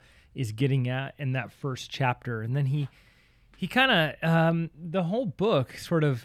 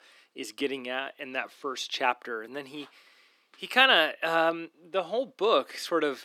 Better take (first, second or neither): first